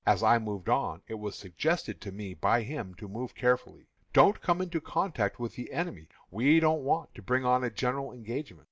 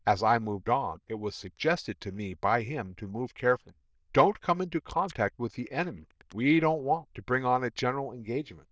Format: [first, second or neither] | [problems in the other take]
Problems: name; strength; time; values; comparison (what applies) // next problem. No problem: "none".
first | noise reduction (neural diffusion model UNIVERSE++)